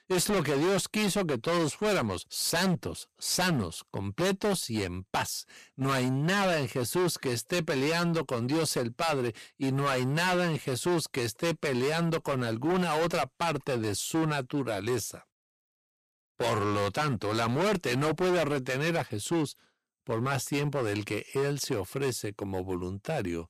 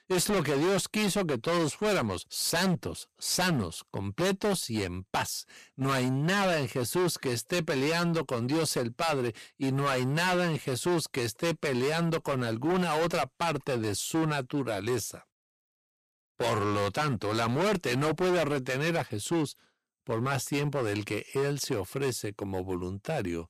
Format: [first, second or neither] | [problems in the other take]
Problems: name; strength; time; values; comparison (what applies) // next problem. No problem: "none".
neither | distortion; heavy; 17% of the sound clipped; the same in both